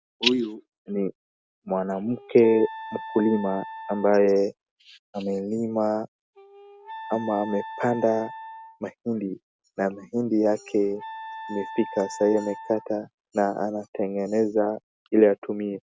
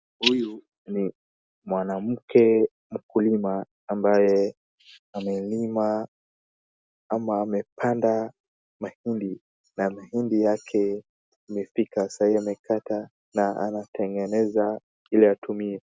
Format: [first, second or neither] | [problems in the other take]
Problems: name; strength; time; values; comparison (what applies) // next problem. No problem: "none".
second | background sound (Wind instrument, woodwind instrument); 15 dB below the speech